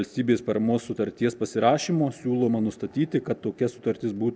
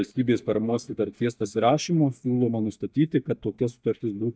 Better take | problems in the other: first | noise reduction (neural mask model DeepFilterNet 3)

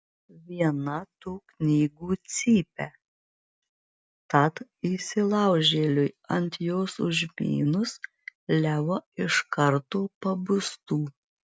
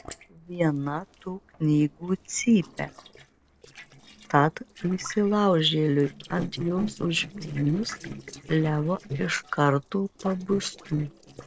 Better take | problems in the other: first | noise reduction (neural separator model SepFormer DNS4)

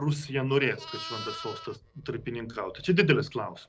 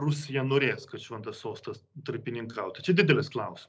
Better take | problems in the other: second | background sound (Livestock, farm animals, working animals); 15 dB below the speech

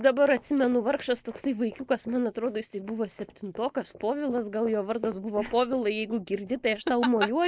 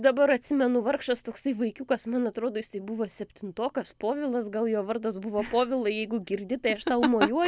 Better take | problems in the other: second | noise reduction (neural mask model Resemble Enhance denoiser)

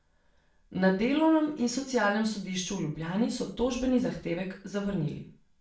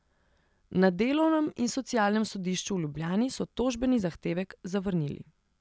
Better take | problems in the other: second | room echo; dies away in 0.4 s

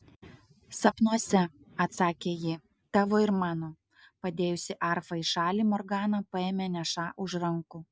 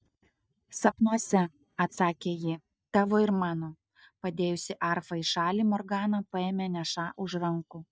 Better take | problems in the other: first | noise reduction (neural mask model DeepFilterNet 3)

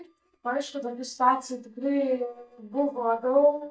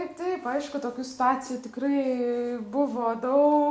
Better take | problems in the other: second | noise reduction (neural mask model DeepFilterNet 3)

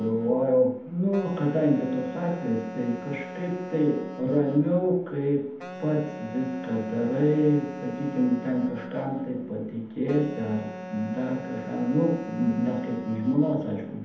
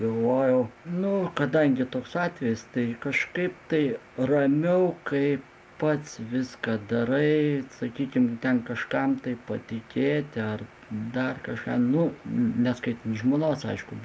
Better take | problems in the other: second | background sound (Wind instrument, woodwind instrument); 13 dB below the speech // room echo; dies away in 0.8 s

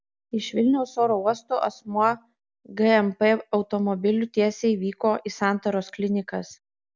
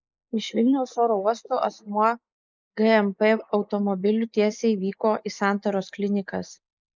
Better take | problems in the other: first | noise reduction (neural mask model Resemble Enhance denoiser)

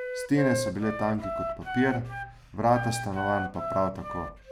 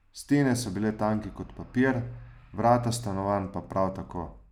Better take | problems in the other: second | background sound (Wind instrument, woodwind instrument); 5 dB below the speech

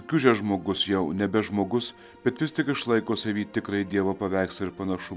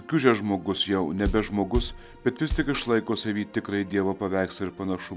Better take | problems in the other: first | background sound (Bass drum); 6 dB below the speech

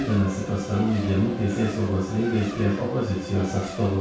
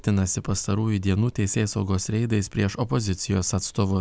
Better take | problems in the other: second | background sound (Race car, auto racing); 13 dB below the speech // room echo; dies away in 0.7 s

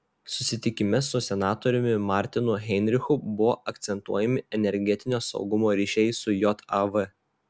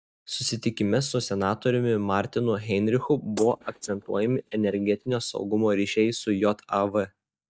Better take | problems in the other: first | noise reduction (neural mask model DeepFilterNet 3)

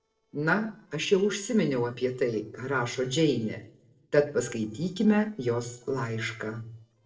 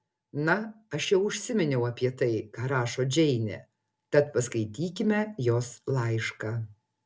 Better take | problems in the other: second | noise reduction (neural separator model SepFormer DNS4)

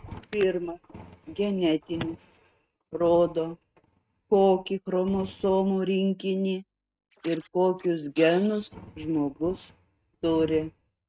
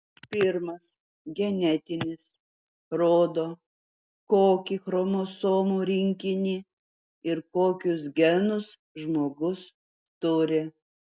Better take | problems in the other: second | noise reduction (neural mask model RNNoise)

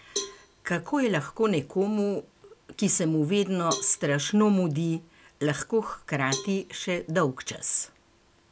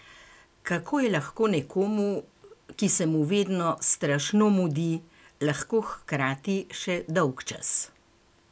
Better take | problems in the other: second | background sound (Cowbell); 14 dB below the speech

